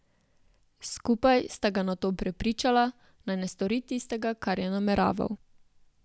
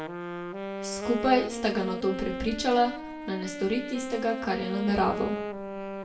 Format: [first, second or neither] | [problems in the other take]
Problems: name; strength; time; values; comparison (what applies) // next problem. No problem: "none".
first | background sound (Wind instrument, woodwind instrument); 6 dB below the speech // room echo; dies away in 0.6 s